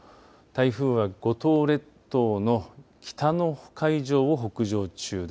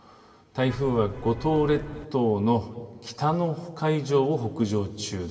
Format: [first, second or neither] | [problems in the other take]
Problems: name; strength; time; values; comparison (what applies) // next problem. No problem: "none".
first | background sound (Vehicle horn, car horn, honking); 14 dB below the speech // room echo; dies away in 2.8 s